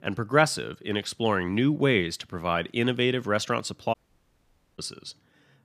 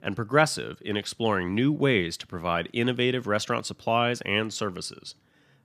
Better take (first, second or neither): second